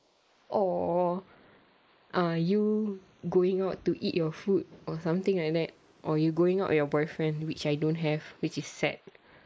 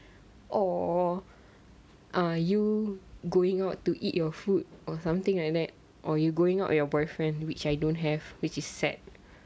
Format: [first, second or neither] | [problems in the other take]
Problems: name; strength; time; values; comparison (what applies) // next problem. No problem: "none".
second | noise reduction (neural mask model Resemble Enhance denoiser)